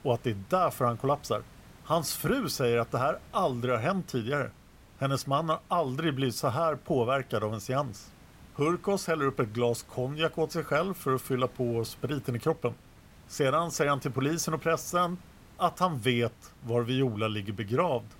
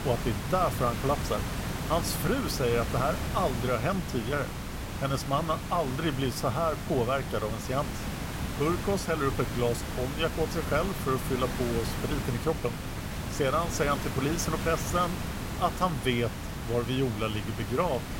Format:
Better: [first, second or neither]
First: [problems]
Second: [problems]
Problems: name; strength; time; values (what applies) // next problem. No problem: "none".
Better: first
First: hiss; faint; throughout; 25 dB below the speech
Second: hiss; loud; throughout; 5 dB below the speech